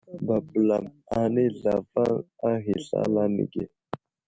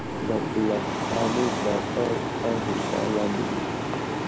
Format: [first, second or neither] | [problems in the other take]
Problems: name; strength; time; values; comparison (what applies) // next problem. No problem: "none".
first | background sound (Mechanical fan); 1 dB above the speech